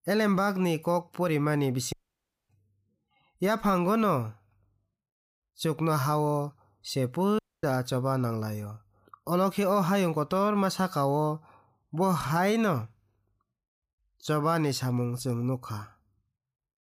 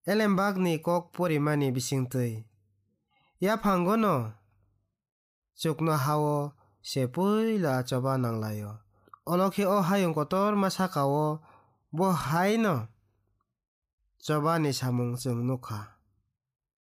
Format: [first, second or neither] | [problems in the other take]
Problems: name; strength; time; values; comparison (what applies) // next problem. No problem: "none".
second | audio cutting out; at 2 s for 0.5 s and at 7.5 s